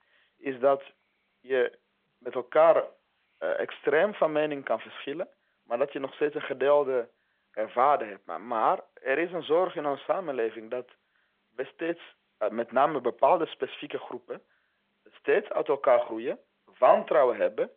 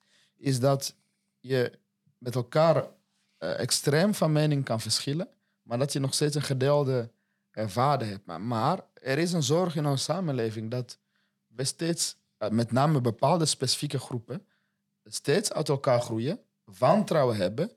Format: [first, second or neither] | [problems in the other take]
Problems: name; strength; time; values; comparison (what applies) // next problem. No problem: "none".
second | phone-call audio